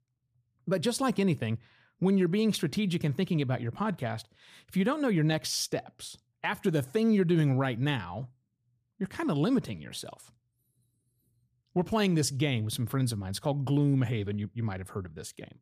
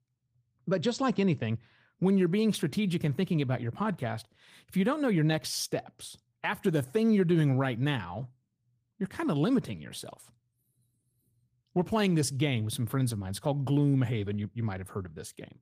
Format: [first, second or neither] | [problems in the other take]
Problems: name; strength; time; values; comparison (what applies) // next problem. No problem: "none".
first | garbled, watery; slightly; nothing above 15 kHz